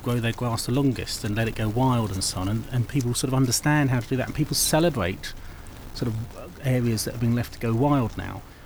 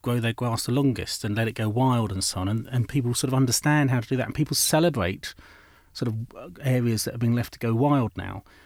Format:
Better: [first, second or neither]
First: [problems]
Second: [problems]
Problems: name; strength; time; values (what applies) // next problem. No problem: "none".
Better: second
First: wind noise on the microphone; occasional gusts; 20 dB below the speech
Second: none